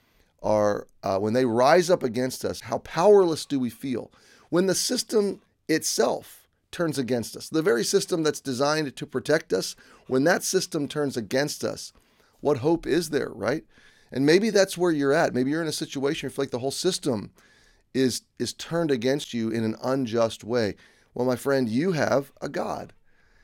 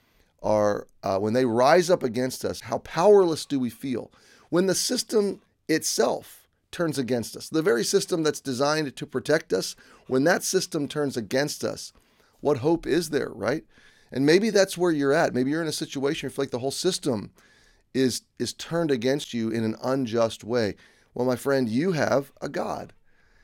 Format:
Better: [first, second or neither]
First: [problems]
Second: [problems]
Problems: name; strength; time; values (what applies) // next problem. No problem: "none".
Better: neither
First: none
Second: none